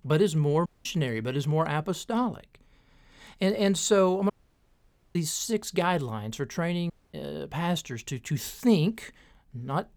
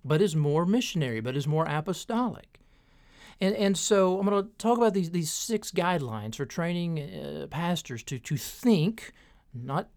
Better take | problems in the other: second | audio cutting out; at 0.5 s, at 4.5 s for 1 s and at 7 s

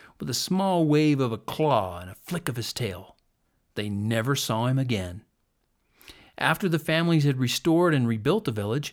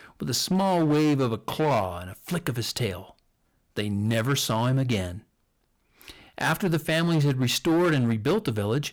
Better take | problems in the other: first | distortion; slight; 10% of the sound clipped

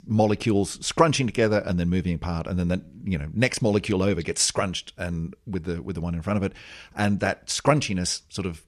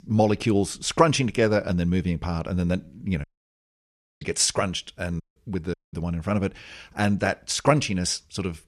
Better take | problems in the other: first | audio cutting out; at 3 s for 1 s, at 5 s and at 5.5 s

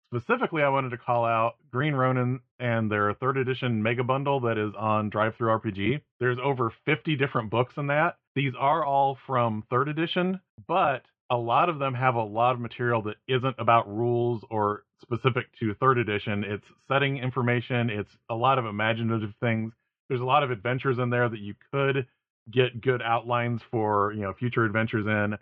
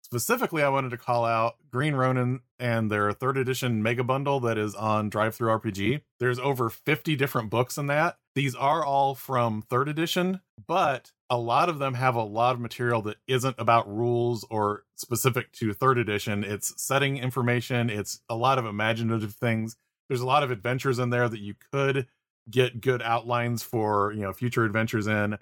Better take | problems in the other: second | muffled; very; fading above 3 kHz

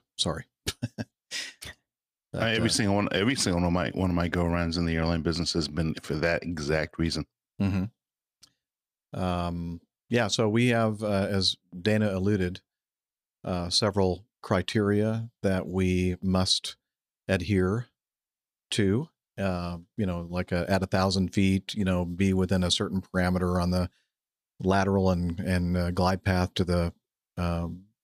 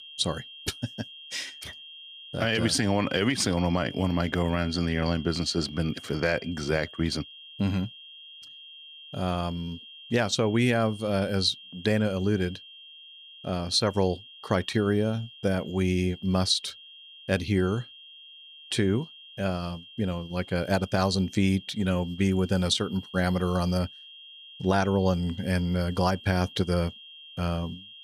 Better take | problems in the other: first | high-pitched whine; noticeable; throughout; 3 kHz, 15 dB below the speech

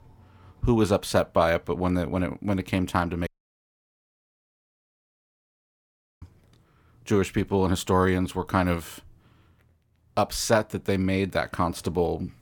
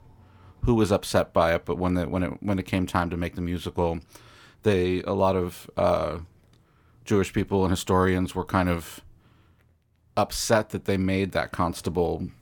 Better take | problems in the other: second | audio cutting out; at 3.5 s for 3 s

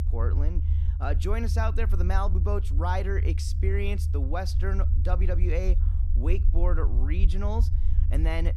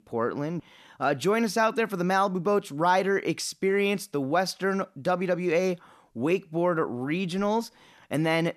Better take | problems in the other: second | low rumble; noticeable; throughout; 10 dB below the speech

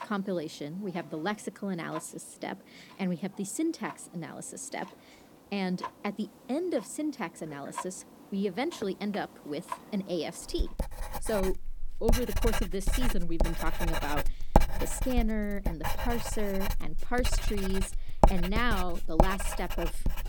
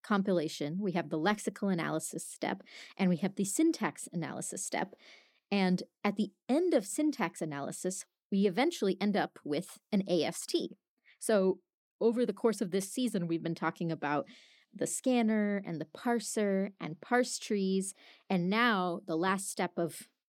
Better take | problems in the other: second | household noises; very loud; throughout; 1 dB above the speech

